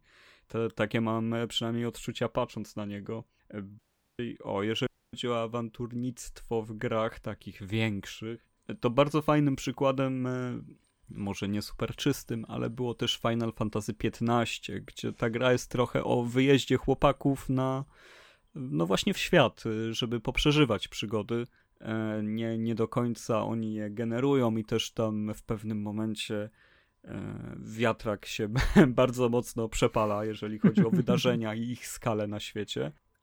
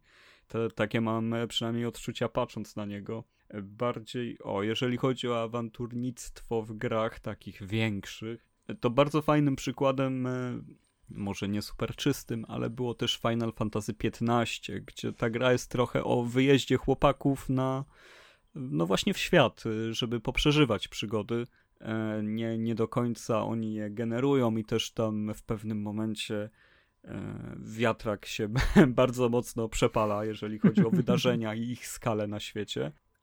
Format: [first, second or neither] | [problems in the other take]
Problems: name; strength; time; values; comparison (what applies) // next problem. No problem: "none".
second | audio cutting out; at 4 s and at 5 s